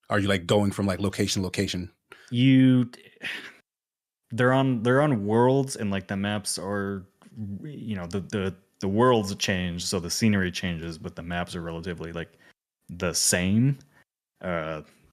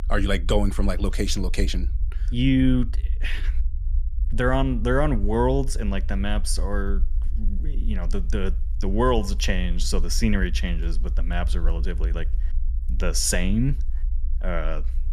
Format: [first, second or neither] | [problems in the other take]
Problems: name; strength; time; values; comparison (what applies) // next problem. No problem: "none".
first | low rumble; faint; throughout; 25 dB below the speech